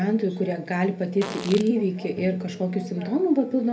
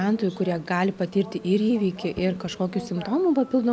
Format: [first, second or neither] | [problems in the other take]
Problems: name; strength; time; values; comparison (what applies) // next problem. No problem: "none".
second | background sound (Fart); 14 dB below the speech // room echo; dies away in 0.3 s